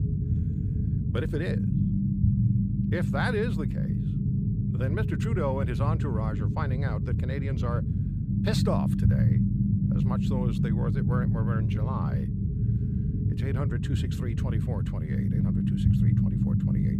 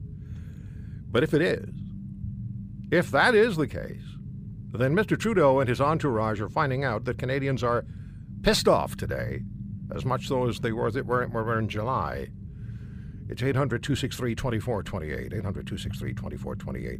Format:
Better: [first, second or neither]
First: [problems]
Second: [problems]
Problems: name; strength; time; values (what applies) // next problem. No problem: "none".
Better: second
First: low rumble; loud; throughout; 1 dB below the speech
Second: low rumble; faint; throughout; 25 dB below the speech